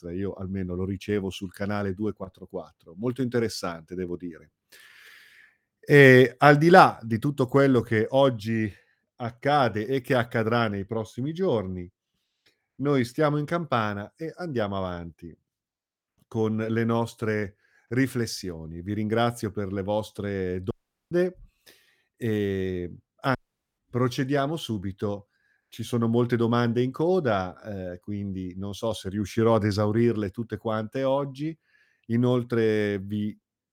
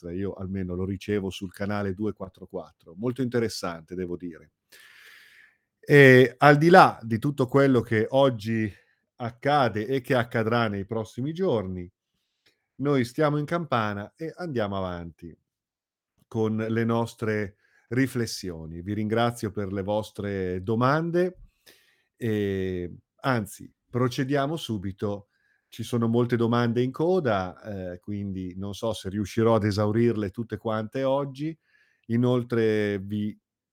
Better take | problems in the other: second | audio cutting out; at 21 s and at 23 s

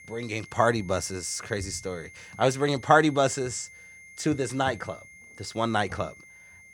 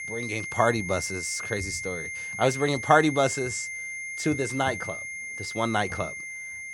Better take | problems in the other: first | high-pitched whine; loud; throughout; 2 kHz, 6 dB below the speech; faint in the first

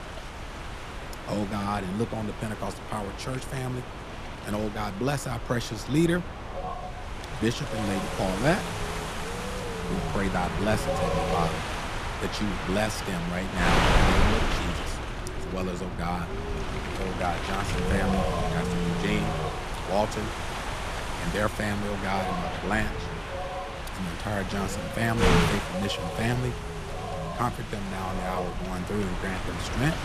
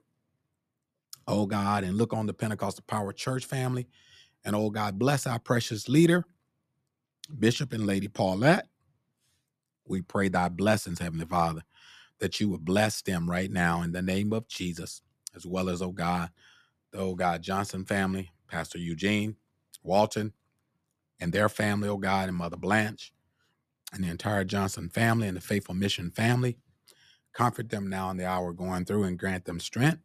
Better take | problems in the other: second | wind noise on the microphone; heavy; as loud as the speech

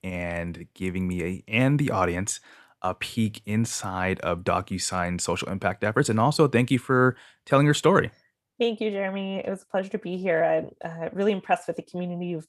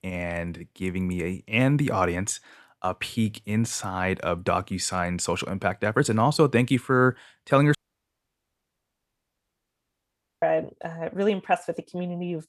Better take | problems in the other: first | audio cutting out; at 8 s for 2.5 s

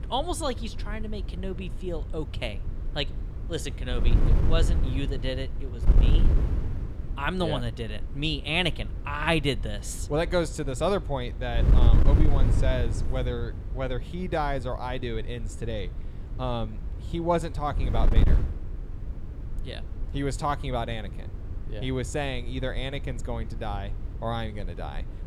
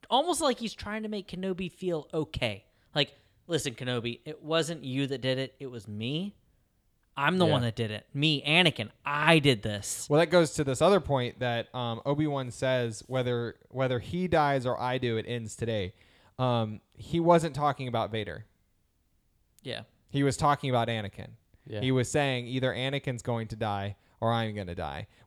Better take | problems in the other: second | wind noise on the microphone; occasional gusts; 10 dB below the speech

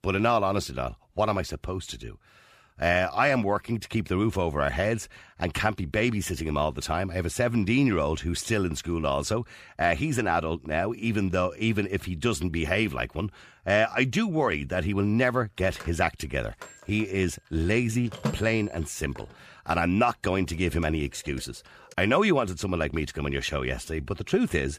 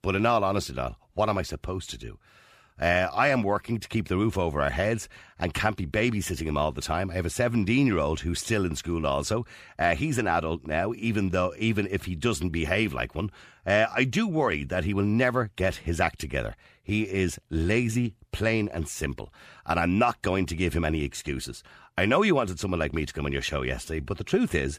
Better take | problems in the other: second | phone ringing; noticeable; from 16 to 19 s; peak 5 dB below the speech

